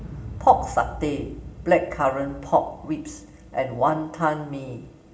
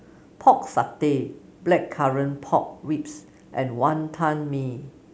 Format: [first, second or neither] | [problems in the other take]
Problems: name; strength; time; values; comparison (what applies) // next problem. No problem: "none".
second | background sound (Explosion); 15 dB below the speech // room echo; dies away in 0.8 s